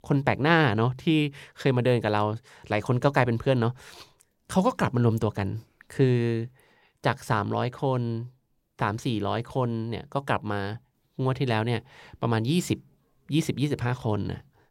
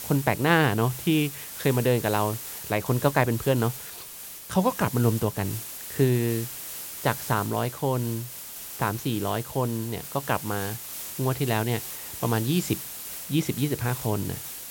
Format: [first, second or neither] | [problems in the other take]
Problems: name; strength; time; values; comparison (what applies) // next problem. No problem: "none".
first | hiss; loud; throughout; 9 dB below the speech